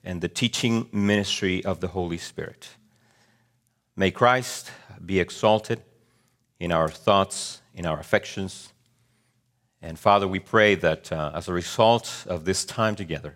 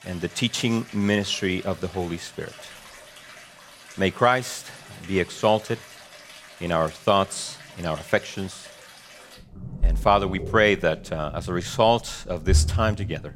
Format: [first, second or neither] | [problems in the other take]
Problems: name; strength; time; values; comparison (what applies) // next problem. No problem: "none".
first | rain or running water; noticeable; throughout; 10 dB below the speech